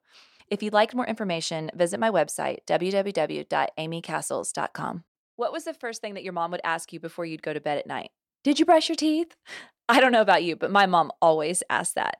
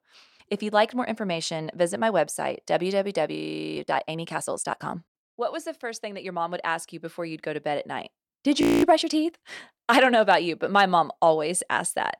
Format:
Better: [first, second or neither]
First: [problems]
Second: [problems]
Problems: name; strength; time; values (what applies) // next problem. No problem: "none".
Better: first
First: none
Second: audio freezing; at 3.5 s and at 8.5 s